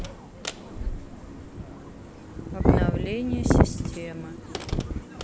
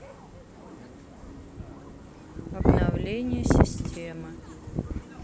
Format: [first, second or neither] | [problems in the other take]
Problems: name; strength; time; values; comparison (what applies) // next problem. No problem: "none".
second | background sound (Slam); 11 dB below the speech